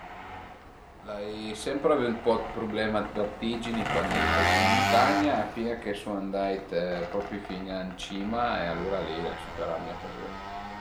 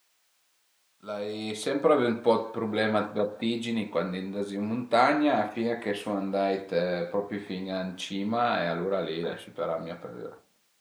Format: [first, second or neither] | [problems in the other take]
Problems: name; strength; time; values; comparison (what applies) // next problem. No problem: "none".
second | background sound (Engine); 2 dB below the speech